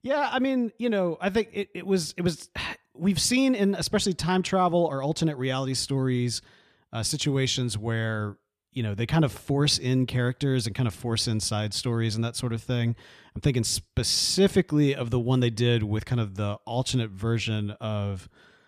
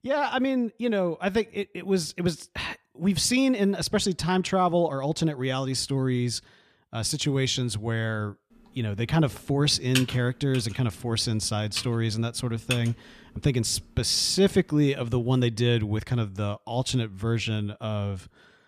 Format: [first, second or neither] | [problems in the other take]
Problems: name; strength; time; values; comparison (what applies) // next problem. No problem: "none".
first | keyboard typing; noticeable; from 10 to 13 s; peak 3 dB below the speech